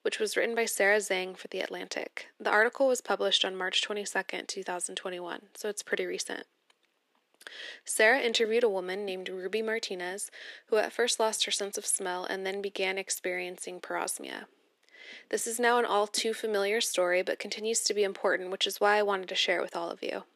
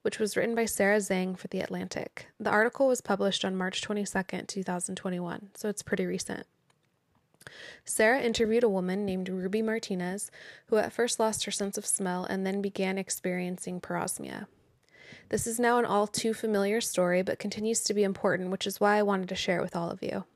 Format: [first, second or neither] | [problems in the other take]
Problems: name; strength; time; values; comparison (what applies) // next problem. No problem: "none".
second | thin; somewhat; fading below 250 Hz